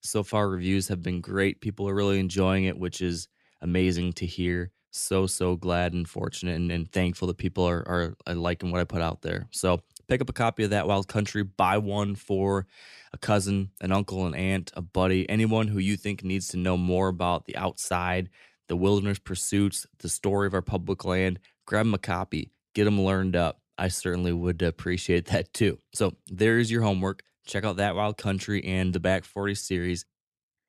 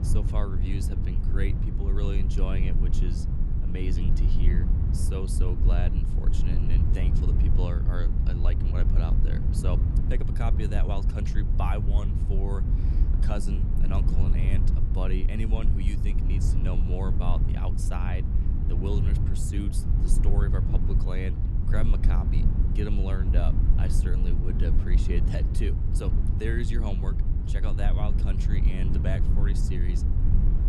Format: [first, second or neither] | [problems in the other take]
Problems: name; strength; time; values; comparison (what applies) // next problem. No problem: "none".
first | low rumble; loud; throughout; 2 dB below the speech